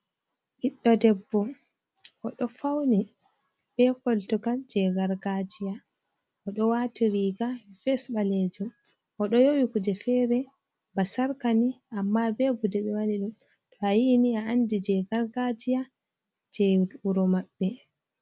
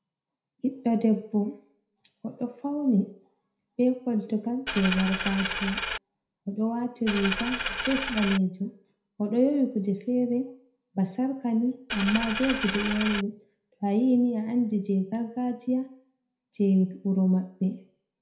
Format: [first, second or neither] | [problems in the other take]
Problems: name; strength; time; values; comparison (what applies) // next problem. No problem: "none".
first | background sound (Coin (dropping)); 4 dB below the speech // room echo; dies away in 0.5 s